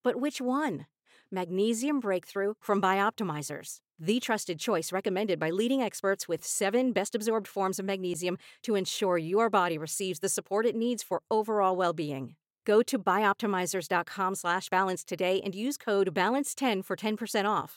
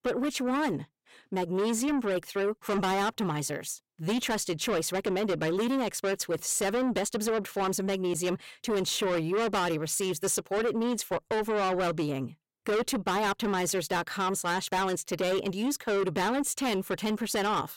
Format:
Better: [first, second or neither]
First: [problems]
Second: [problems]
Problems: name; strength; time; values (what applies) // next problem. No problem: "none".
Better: first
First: none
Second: distortion; heavy; 7 dB below the speech